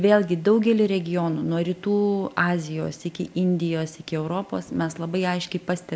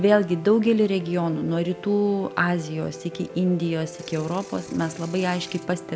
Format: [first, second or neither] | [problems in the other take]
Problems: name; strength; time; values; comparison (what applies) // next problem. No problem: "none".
first | background sound (Ratchet, pawl / Percussion + Piano); 16 dB below the speech